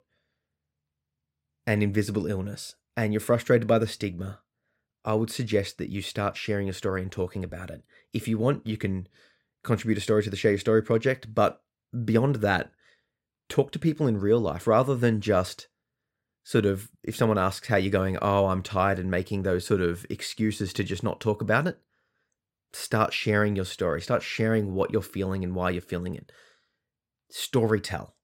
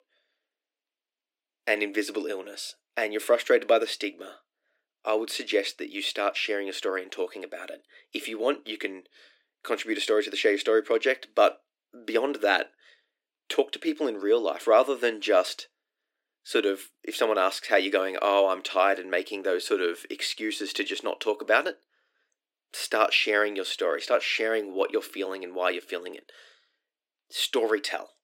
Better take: first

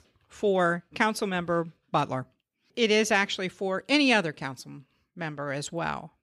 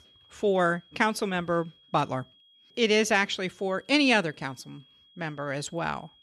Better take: first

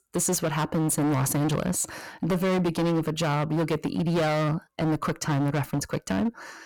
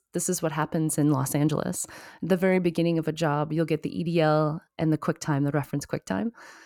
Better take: second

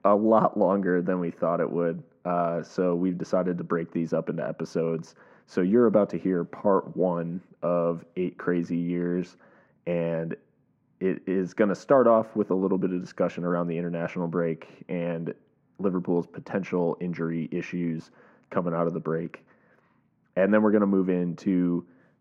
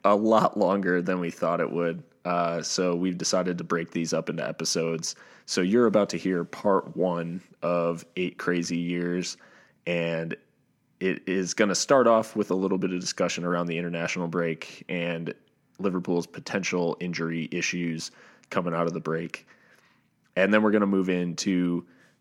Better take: second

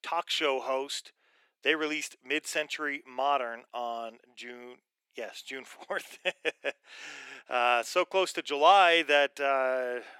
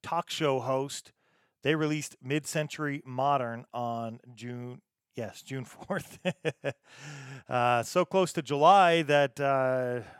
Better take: second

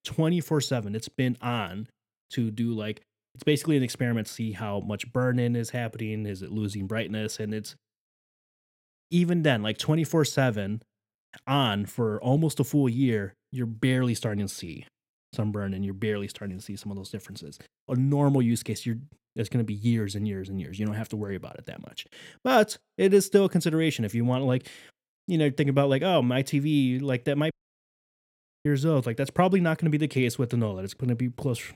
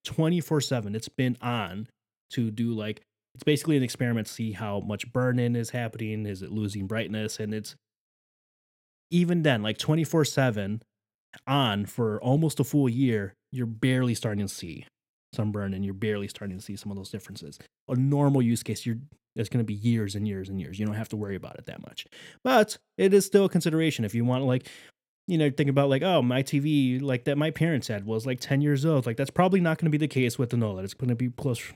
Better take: second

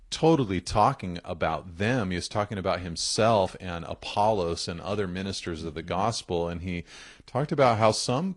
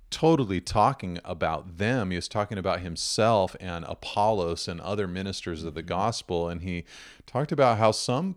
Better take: second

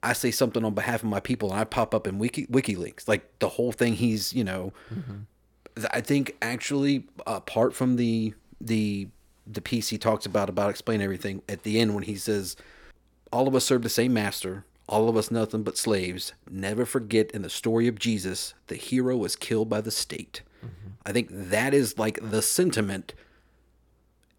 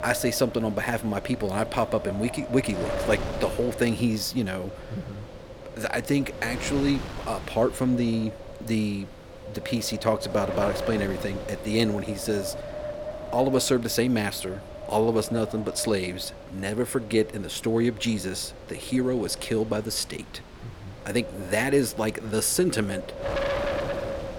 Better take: first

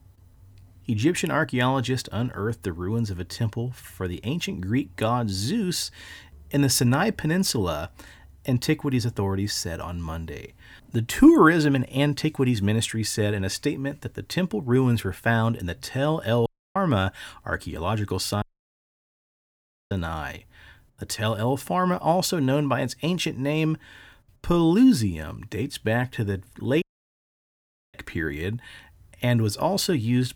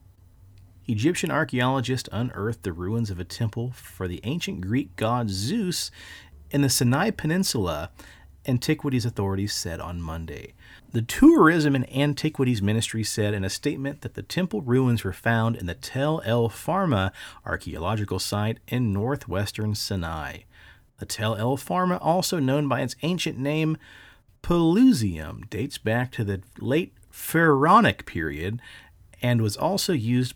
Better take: second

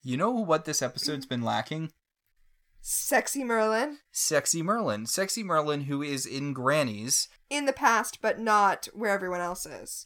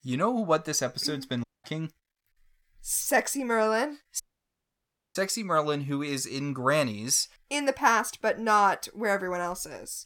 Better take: first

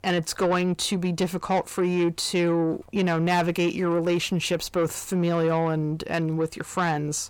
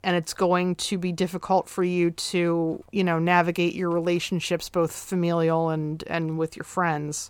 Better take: second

